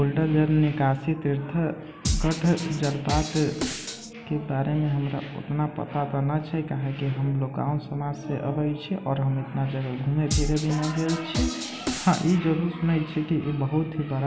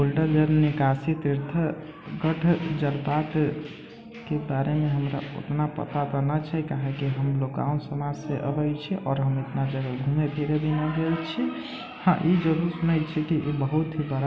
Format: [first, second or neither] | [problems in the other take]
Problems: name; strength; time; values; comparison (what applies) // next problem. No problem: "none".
second | background sound (Drum kit); 5 dB below the speech